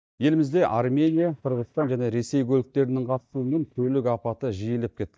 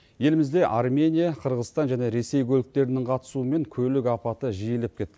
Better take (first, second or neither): second